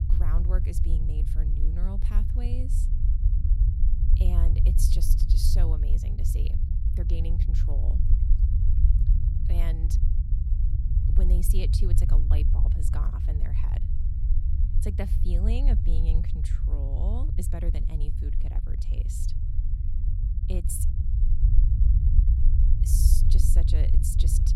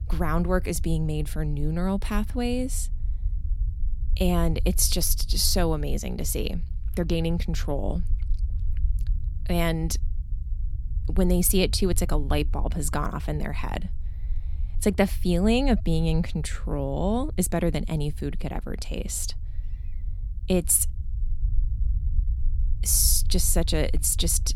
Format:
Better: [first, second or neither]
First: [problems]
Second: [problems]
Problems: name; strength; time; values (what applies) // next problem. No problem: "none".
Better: second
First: low rumble; loud; throughout; 2 dB below the speech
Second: low rumble; faint; throughout; 25 dB below the speech